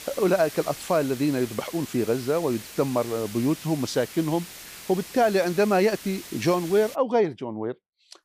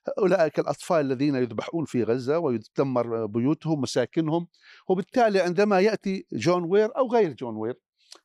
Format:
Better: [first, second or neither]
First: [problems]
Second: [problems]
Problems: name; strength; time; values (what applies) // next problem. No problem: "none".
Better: second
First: hiss; noticeable; until 7 s; 15 dB below the speech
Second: none